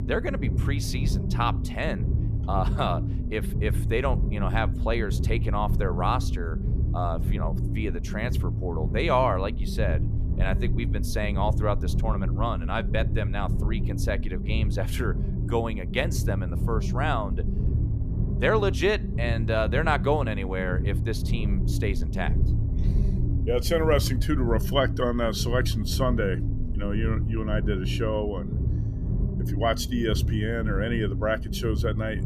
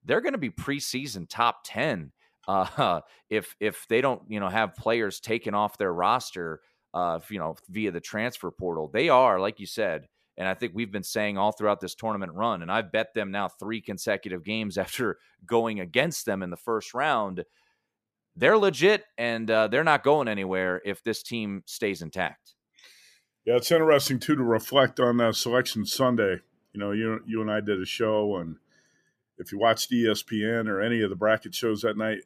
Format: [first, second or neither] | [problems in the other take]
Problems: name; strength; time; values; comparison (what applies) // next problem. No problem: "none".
second | low rumble; noticeable; throughout; 10 dB below the speech